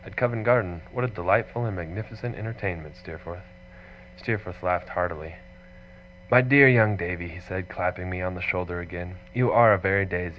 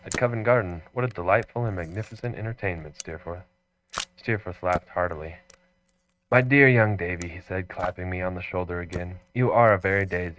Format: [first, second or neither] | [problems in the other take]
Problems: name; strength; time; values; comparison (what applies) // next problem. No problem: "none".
first | noise reduction (neural mask model RNNoise)